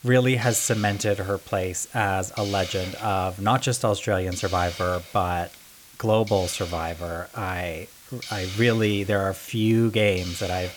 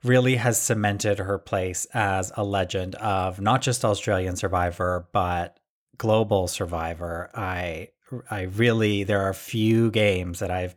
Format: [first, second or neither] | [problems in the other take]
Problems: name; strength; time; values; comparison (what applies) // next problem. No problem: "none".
second | hiss; noticeable; throughout; 15 dB below the speech